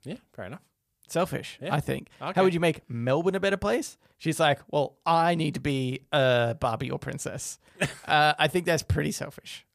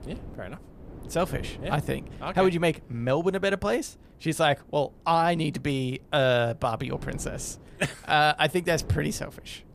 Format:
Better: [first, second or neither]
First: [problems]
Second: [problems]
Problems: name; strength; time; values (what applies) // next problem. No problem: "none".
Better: first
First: none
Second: wind noise on the microphone; occasional gusts; 25 dB below the speech